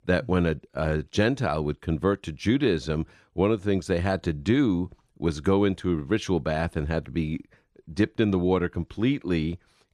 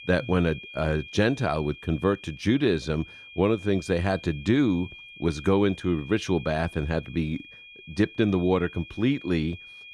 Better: first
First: none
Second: high-pitched whine; noticeable; throughout; 2.5 kHz, 15 dB below the speech

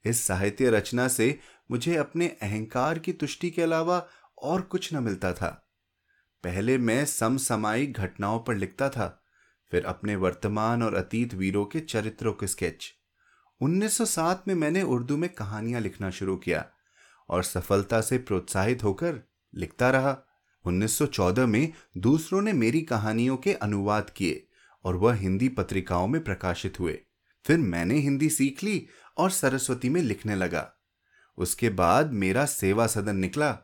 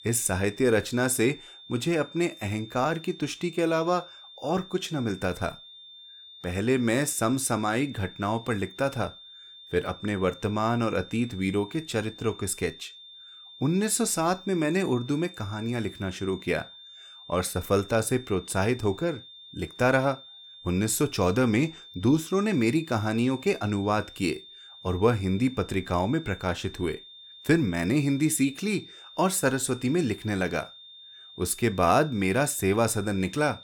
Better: first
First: none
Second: high-pitched whine; noticeable; throughout; 3.5 kHz, 20 dB below the speech

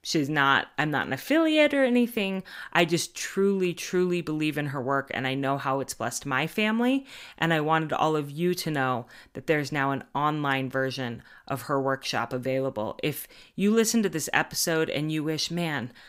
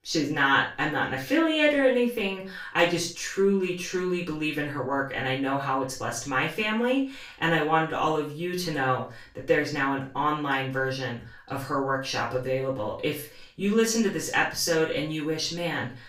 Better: first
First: none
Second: room echo; noticeable; dies away in 0.3 s // off-mic speech; far

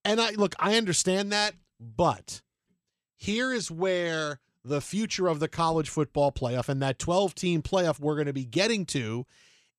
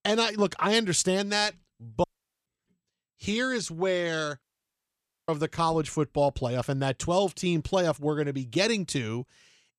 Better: first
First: none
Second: audio cutting out; at 2 s and at 4.5 s for 1 s

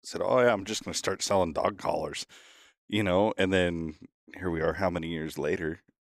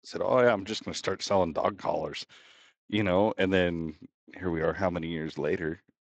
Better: first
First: none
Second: garbled, watery; slightly; nothing above 7.5 kHz

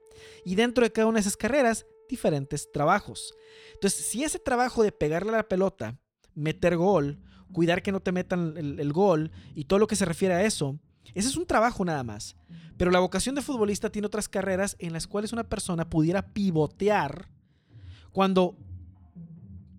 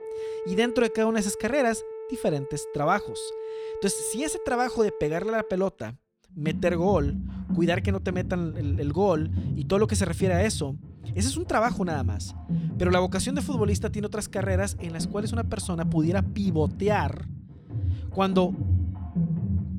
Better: first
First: background music; faint; throughout; 25 dB below the speech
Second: background music; loud; throughout; 5 dB below the speech

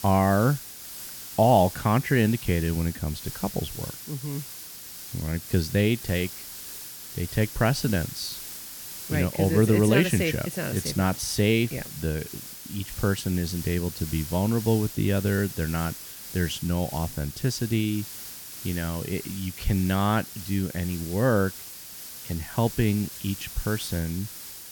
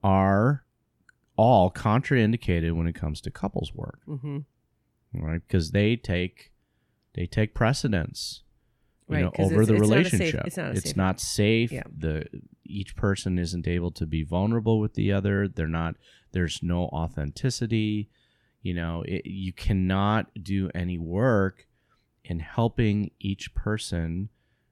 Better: second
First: hiss; noticeable; throughout; 10 dB below the speech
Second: none

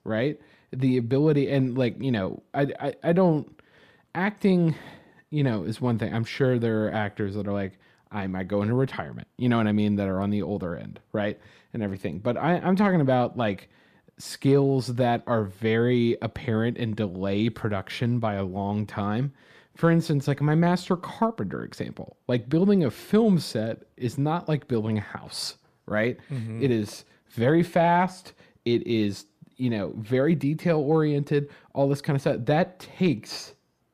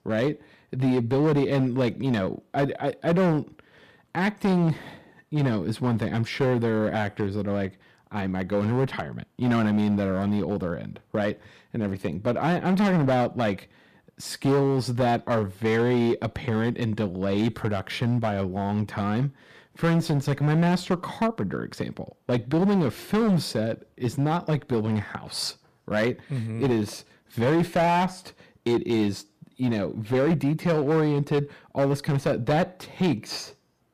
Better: first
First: none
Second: distortion; slight; 9% of the sound clipped

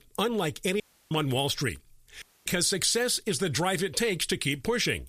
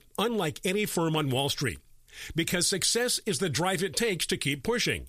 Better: second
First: audio cutting out; at 1 s and at 2 s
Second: none

